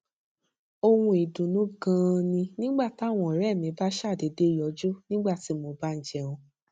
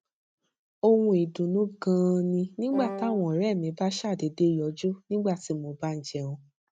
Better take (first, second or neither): first